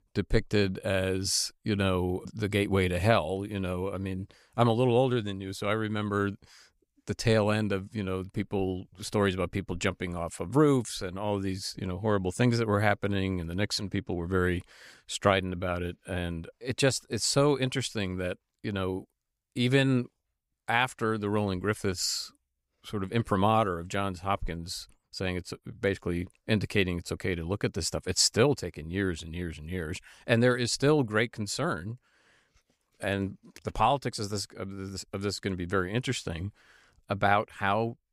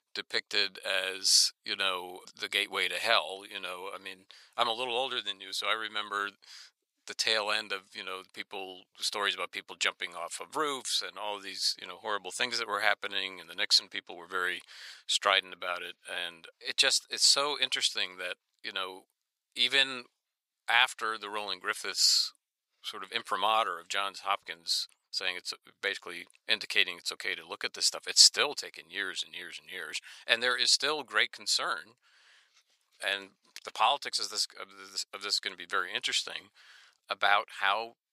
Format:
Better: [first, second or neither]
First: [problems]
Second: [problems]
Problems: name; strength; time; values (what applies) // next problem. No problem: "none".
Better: first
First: none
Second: thin; very; fading below 950 Hz